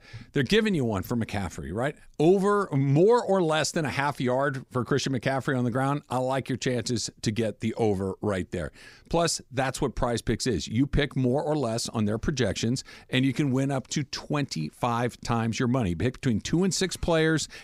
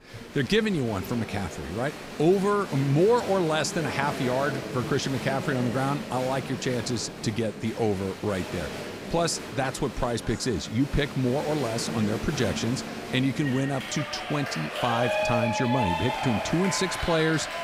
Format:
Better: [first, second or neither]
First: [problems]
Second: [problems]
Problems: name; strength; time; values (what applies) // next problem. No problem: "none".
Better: first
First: none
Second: crowd noise; loud; throughout; 6 dB below the speech